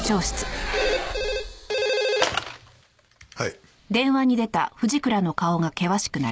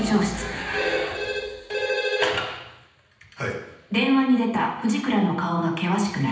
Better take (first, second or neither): first